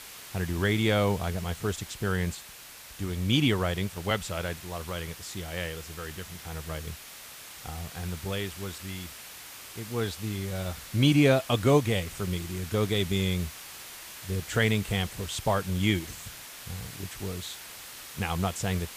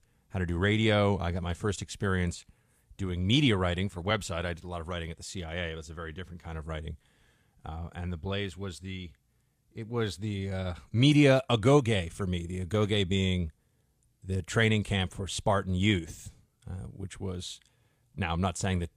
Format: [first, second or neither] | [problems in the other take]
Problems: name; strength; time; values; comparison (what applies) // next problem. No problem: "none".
second | hiss; noticeable; throughout; 15 dB below the speech